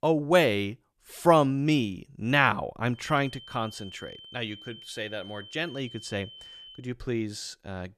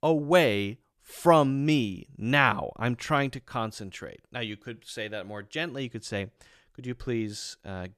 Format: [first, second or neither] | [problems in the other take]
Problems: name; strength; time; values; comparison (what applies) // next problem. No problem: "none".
second | high-pitched whine; noticeable; from 3 to 7 s; 3 kHz, 20 dB below the speech